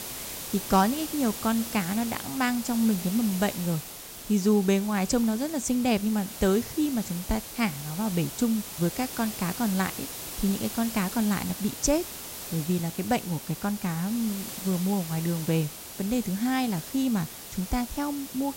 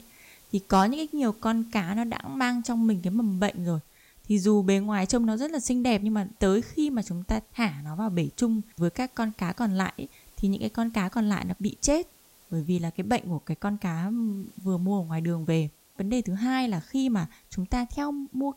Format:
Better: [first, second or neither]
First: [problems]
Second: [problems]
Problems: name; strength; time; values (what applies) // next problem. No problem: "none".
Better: second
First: hiss; loud; throughout; 8 dB below the speech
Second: hiss; faint; throughout; 30 dB below the speech